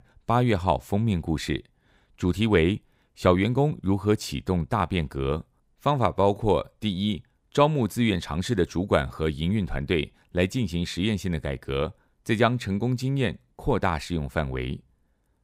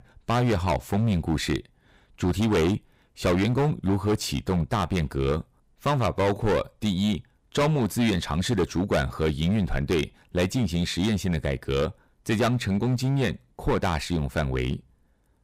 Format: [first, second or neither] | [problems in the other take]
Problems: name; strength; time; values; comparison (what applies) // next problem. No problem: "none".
first | distortion; heavy; 11% of the sound clipped